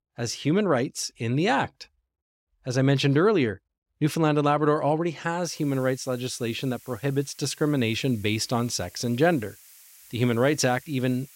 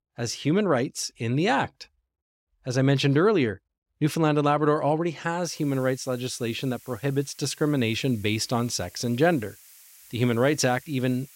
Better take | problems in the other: neither | hiss; faint; from 5.5 s on; 25 dB below the speech; the same in both

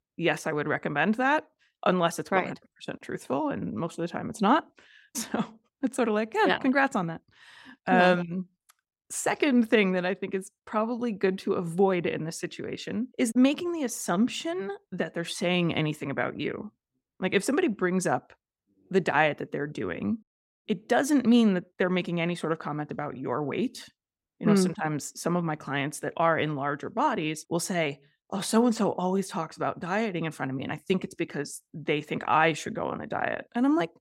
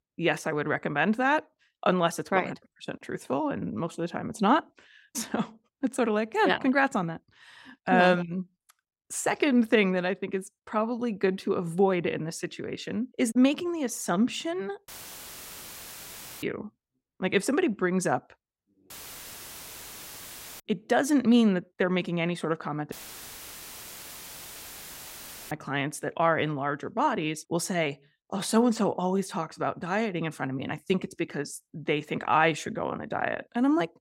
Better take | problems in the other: first | audio cutting out; filled with static; at 15 s for 1.5 s, at 19 s for 1.5 s and at 23 s for 2.5 s

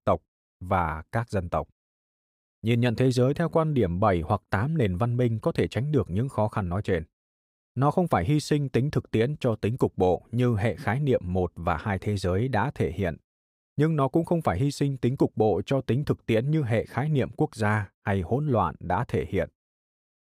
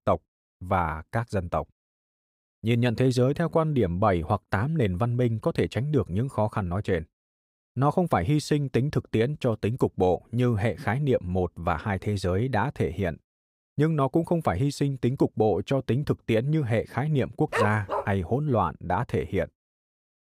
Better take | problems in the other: first | dog barking; noticeable; at 18 s; peak 2 dB below the speech

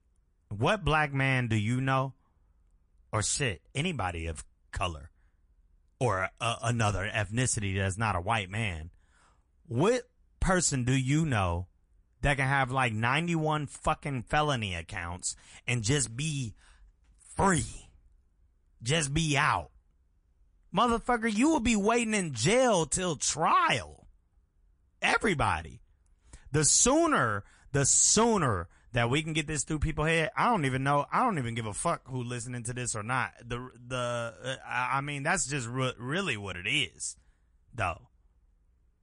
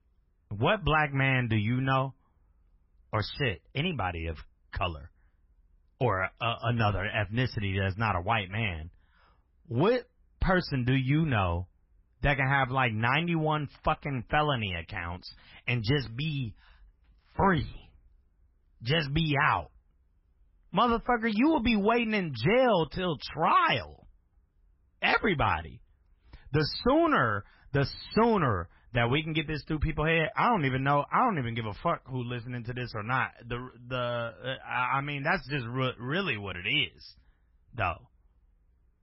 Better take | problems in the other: first | garbled, watery; badly; nothing above 5.5 kHz; slightly in the first

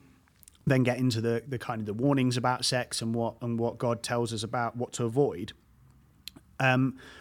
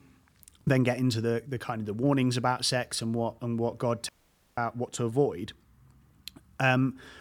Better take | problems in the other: first | audio cutting out; at 4 s

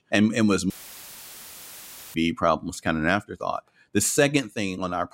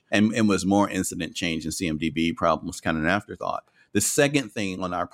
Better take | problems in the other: second | audio cutting out; filled with static; at 0.5 s for 1.5 s

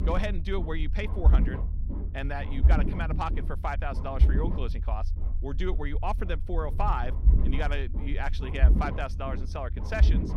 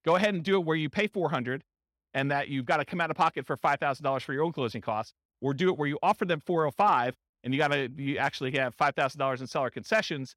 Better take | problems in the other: second | low rumble; loud; throughout; 9 dB below the speech

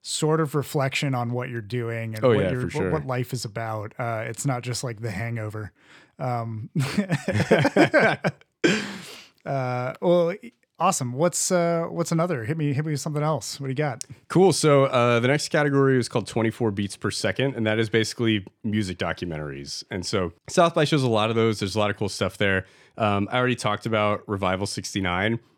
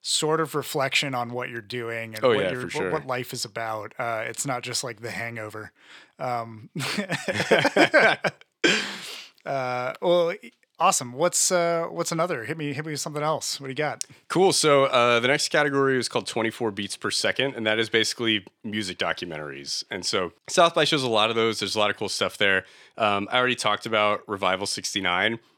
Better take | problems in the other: first | thin; somewhat; fading below 1 kHz

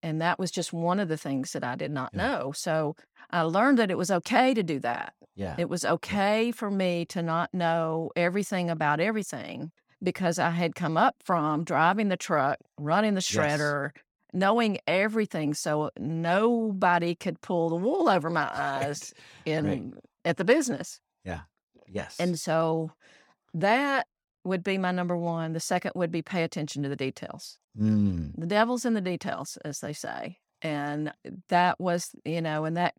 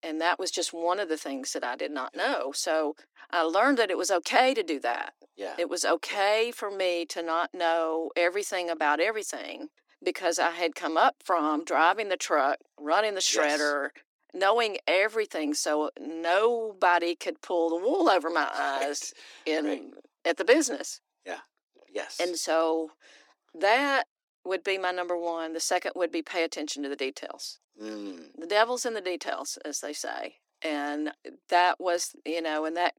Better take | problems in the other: first | thin; somewhat; fading below 300 Hz

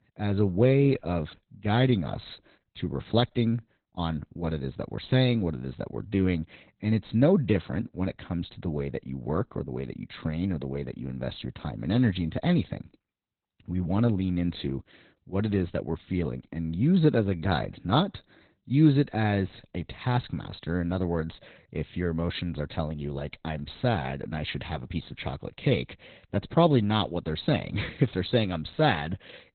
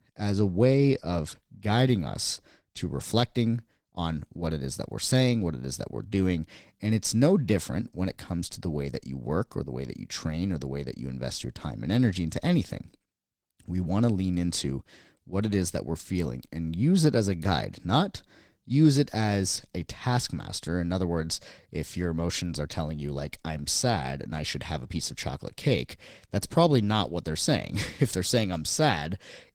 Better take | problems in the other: second | garbled, watery; badly; nothing above 4 kHz; slightly in the second

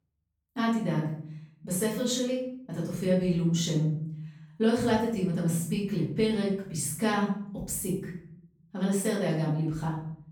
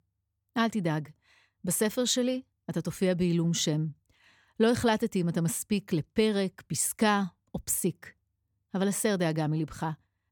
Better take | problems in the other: second | off-mic speech; far // room echo; noticeable; dies away in 0.6 s

